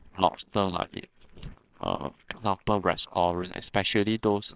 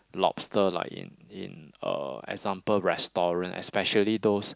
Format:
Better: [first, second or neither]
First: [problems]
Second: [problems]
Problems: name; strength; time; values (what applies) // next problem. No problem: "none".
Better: second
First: noise reduction (neural separator model SepFormer WHAMR!)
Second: none